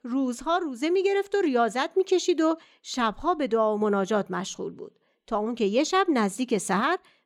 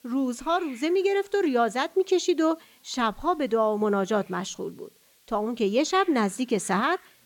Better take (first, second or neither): first